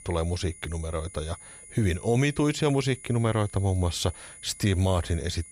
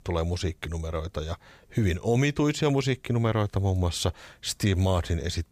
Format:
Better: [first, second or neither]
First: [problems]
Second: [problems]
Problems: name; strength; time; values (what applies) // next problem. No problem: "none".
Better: second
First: high-pitched whine; noticeable; throughout; 10 kHz, 15 dB below the speech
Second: none